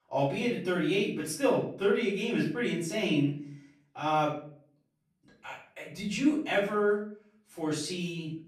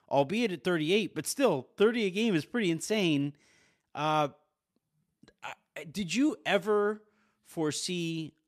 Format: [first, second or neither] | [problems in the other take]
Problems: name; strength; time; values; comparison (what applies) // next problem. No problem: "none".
second | room echo; noticeable; dies away in 0.5 s // off-mic speech; far